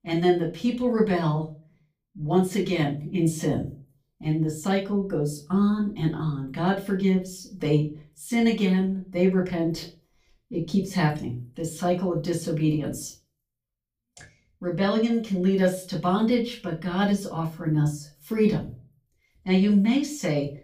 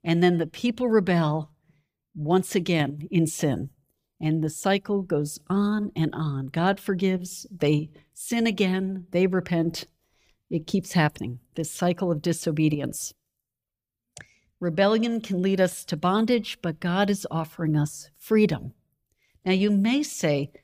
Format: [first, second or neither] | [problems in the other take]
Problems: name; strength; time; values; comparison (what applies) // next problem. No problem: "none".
second | off-mic speech; far // room echo; very slight; dies away in 0.3 s